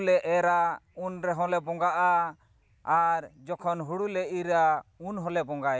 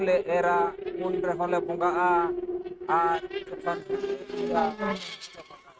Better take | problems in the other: first | noise reduction (neural mask model RNNoise)

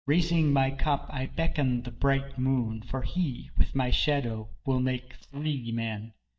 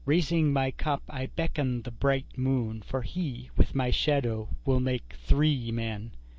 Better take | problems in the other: second | noise reduction (neural mask model DeepFilterNet 3)

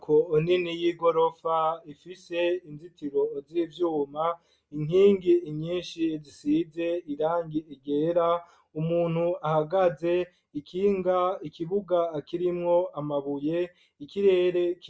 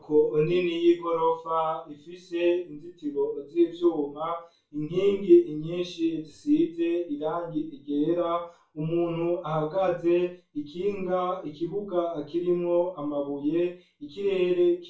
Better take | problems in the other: first | room echo; dies away in 0.3 s

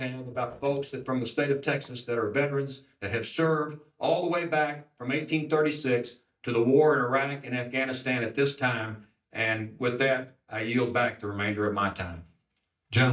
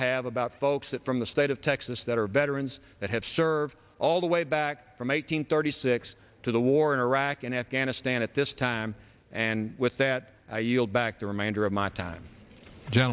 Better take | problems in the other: second | noise reduction (neural mask model DeepFilterNet 3)

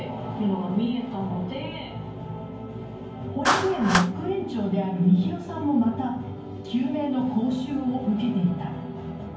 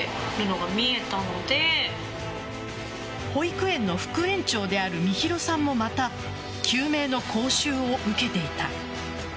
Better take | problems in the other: second | background sound (Clapping); 9 dB below the speech // room echo; dies away in 0.9 s

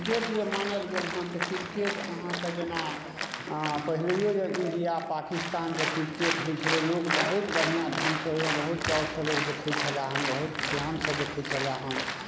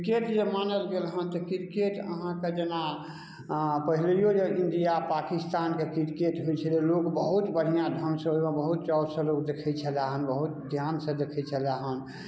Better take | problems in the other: second | background sound (Applause); 2 dB below the speech

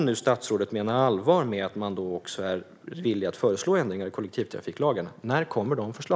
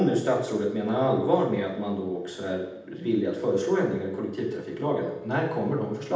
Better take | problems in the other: first | background sound (Wind instrument, woodwind instrument); 20 dB below the speech // room echo; dies away in 0.8 s

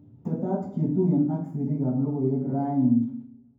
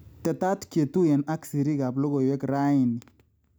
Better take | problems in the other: second | room echo; dies away in 0.9 s

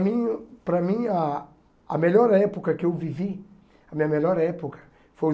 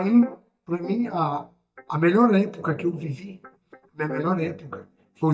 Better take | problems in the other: first | noise reduction (neural mask model DeepFilterNet 3)

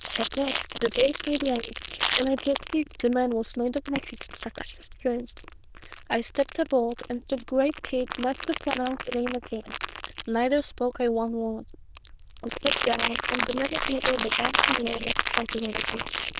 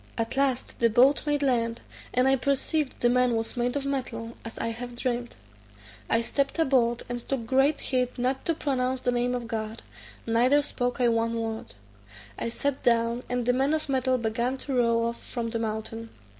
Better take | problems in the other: second | noise reduction (neural diffusion model UNIVERSE++)

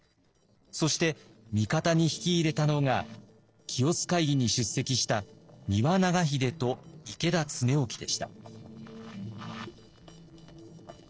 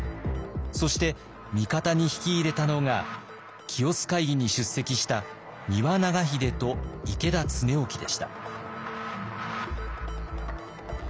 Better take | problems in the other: second | noise reduction (neural separator model SepFormer DNS4)

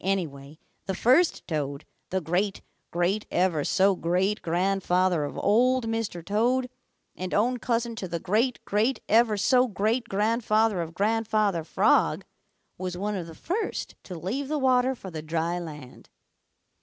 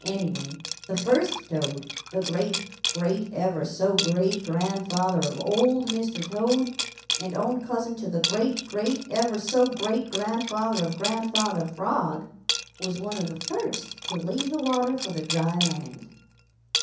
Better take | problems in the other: first | background sound (Liquid); 7 dB below the speech // room echo; dies away in 0.6 s

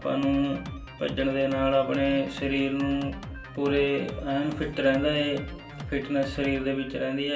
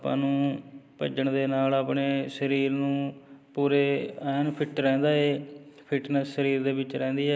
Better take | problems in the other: second | background sound (Drum kit); 13 dB below the speech // room echo; dies away in 0.2 s

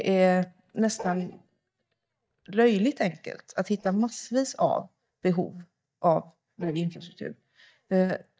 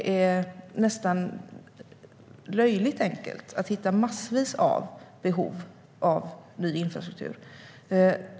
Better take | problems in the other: second | noise reduction (neural mask model DeepFilterNet 3)

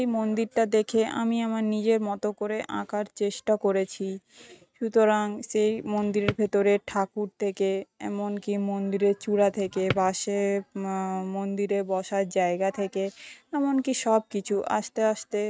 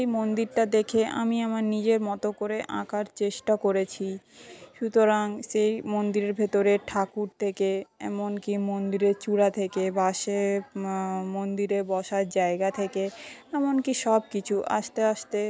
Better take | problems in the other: second | noise reduction (neural mask model RNNoise)

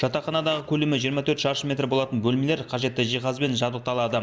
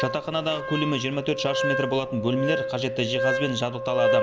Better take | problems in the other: first | background sound (Wind instrument, woodwind instrument); 1 dB below the speech

